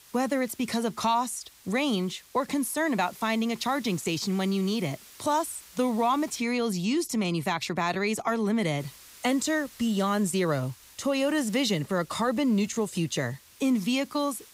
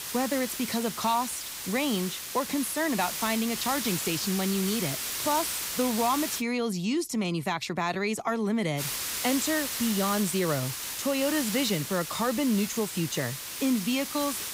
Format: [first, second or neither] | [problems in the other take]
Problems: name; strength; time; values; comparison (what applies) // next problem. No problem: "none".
first | hiss; loud; until 6.5 s and from 9 s on; 3 dB below the speech; faint in the first